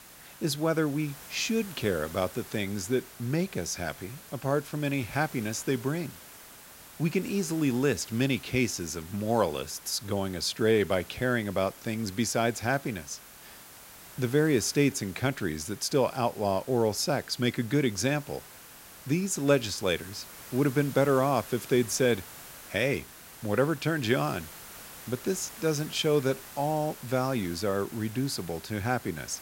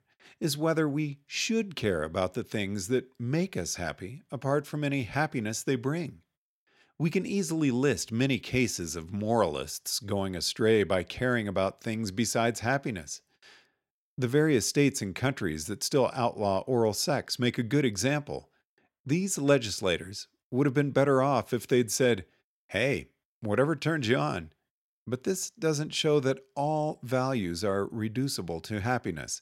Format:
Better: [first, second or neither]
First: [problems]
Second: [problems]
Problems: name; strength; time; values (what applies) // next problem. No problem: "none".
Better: second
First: hiss; noticeable; throughout; 15 dB below the speech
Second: none